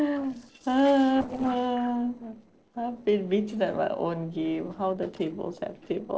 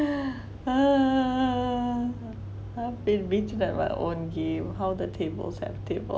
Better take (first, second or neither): second